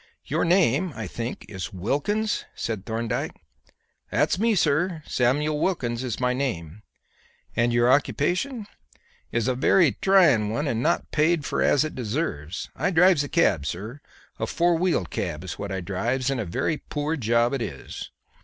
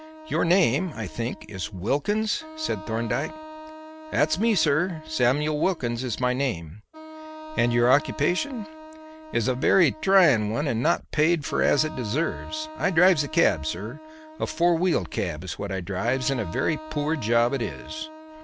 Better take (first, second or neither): first